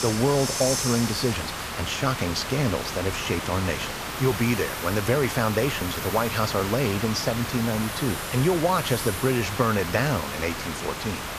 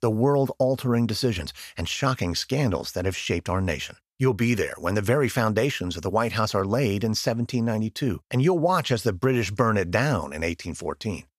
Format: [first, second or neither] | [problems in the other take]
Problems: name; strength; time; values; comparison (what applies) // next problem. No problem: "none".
second | hiss; loud; throughout; 4 dB below the speech